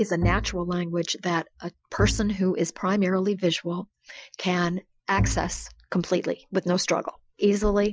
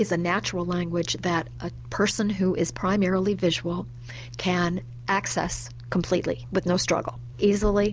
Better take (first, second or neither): second